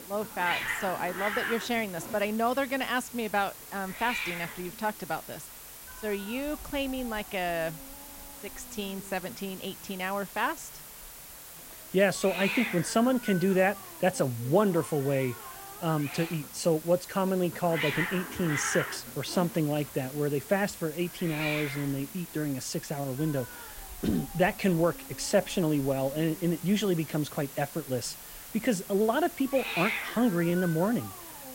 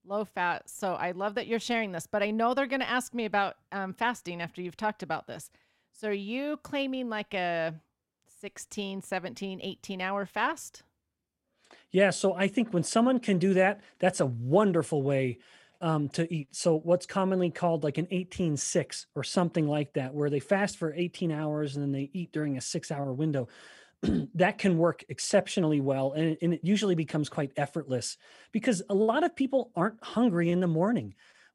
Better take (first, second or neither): second